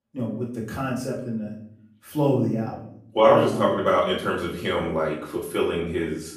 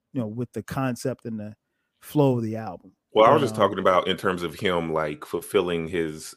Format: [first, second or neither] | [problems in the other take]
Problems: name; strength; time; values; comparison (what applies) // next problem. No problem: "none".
second | off-mic speech; far // room echo; noticeable; dies away in 0.6 s